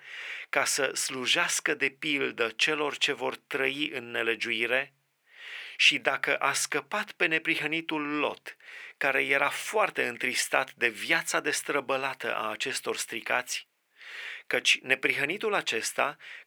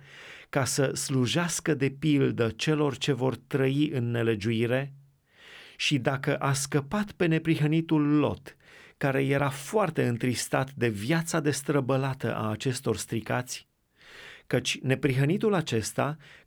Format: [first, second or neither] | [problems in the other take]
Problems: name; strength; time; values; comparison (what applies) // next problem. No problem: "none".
second | thin; very; fading below 550 Hz